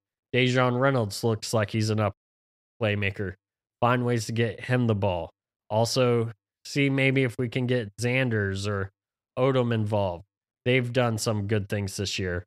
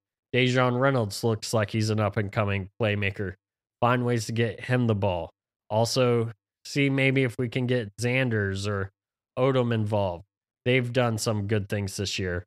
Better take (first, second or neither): second